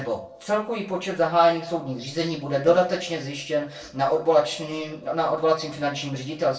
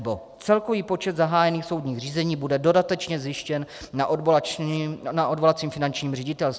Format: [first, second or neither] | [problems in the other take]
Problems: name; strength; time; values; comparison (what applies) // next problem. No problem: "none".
second | noise reduction (neural separator model SepFormer DNS4)